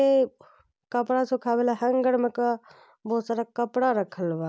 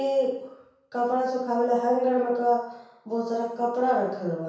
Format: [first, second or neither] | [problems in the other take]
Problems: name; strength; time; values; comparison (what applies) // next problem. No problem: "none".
first | room echo; dies away in 0.7 s